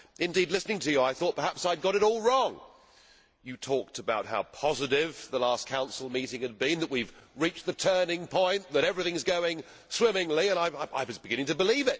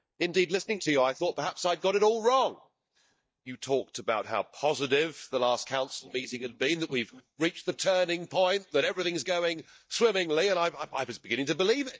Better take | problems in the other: first | noise reduction (neural mask model DeepFilterNet 3)

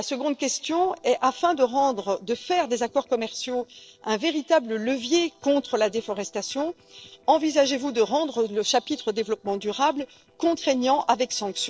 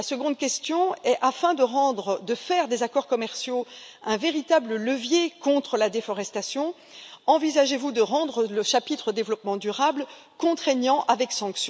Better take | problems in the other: second | noise reduction (neural separator model SepFormer DNS4)

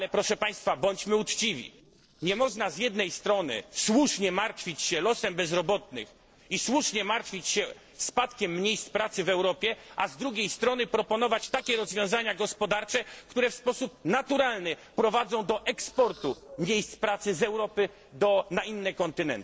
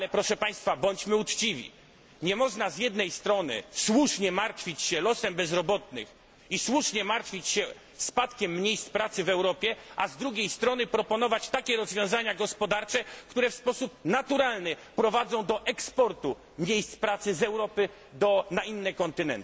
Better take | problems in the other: second | noise reduction (neural separator model SepFormer DNS4)

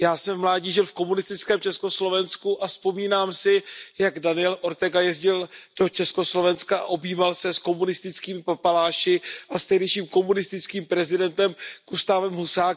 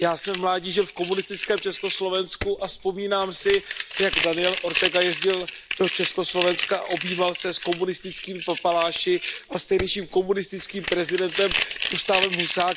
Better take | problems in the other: first | background sound (Crumpling, crinkling); 6 dB below the speech

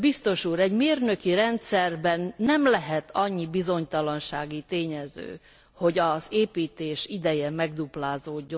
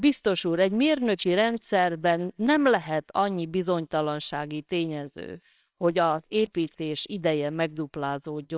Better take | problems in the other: first | noise reduction (neural separator model SepFormer WHAMR!)

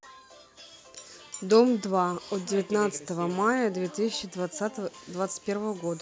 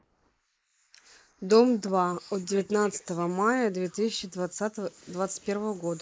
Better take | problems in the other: first | noise reduction (neural mask model Resemble Enhance denoiser)

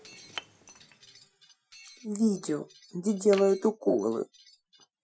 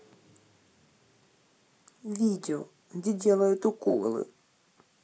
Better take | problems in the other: second | noise reduction (classical method Wiener filter)

